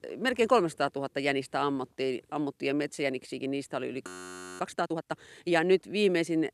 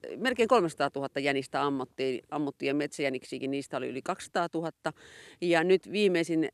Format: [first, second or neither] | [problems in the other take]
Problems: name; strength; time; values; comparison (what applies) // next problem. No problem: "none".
second | audio freezing; at 4 s for 0.5 s